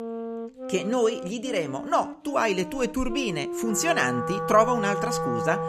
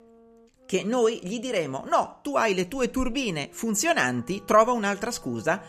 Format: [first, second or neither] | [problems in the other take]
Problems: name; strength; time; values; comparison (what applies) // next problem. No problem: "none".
second | background music; loud; throughout; 6 dB below the speech; faint in the second